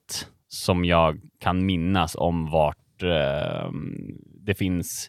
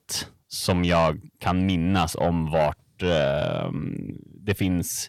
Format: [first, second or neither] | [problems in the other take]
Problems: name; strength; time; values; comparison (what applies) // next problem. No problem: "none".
first | distortion; slight; 10 dB below the speech